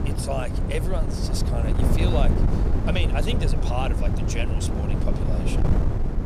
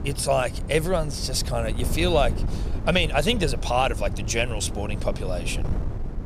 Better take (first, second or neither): second